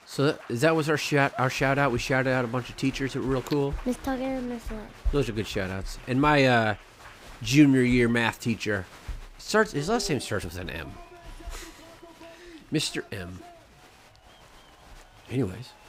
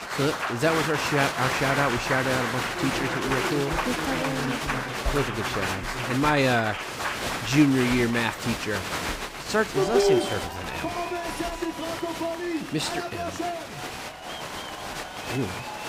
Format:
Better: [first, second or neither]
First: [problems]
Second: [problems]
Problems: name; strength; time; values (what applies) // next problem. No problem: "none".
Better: first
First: crowd noise; faint; throughout; 20 dB below the speech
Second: crowd noise; loud; throughout; 1 dB below the speech